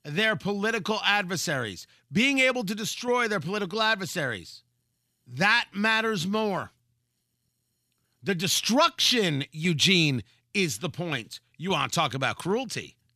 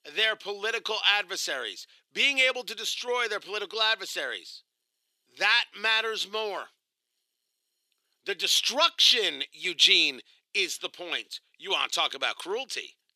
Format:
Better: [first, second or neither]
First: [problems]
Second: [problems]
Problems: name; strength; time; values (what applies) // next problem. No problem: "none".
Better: first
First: none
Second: thin; very; fading below 400 Hz